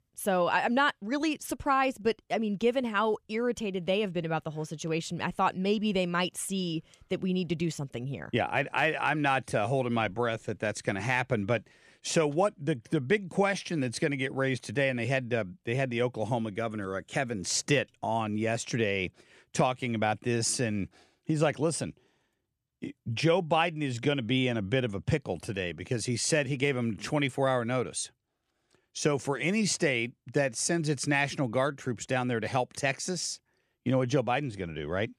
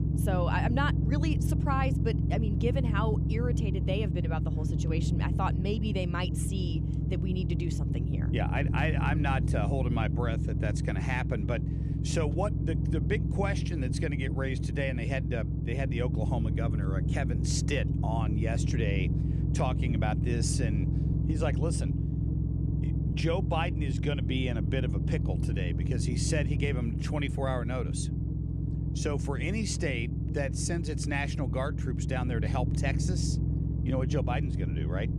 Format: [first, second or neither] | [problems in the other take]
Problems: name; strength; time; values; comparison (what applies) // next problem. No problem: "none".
first | low rumble; loud; throughout; 6 dB below the speech